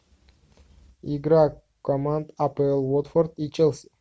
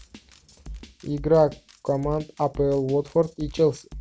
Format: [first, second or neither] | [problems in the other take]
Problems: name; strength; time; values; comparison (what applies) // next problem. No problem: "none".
first | background sound (Drum kit); 17 dB below the speech